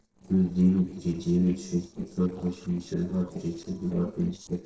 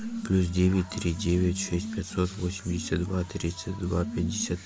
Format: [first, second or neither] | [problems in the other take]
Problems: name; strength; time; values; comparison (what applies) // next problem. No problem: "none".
second | noise reduction (neural separator model SepFormer DNS4)